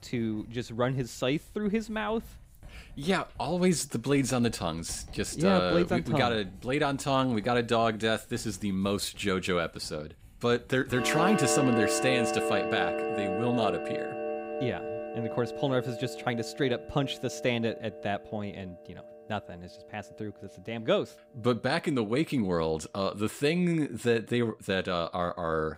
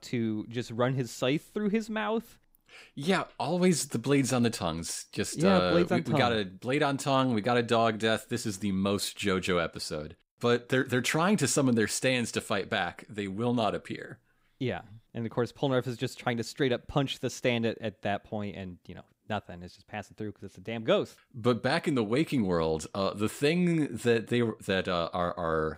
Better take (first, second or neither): second